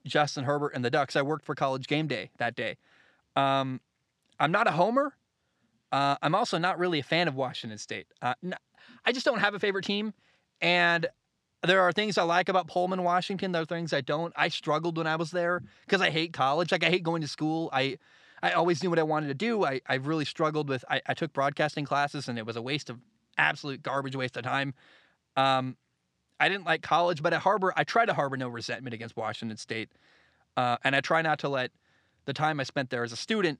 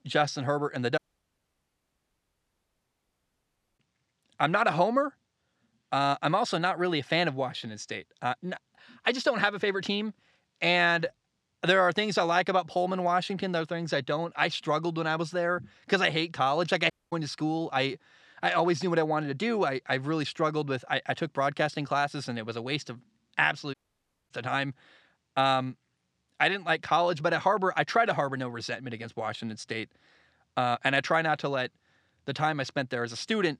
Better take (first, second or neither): first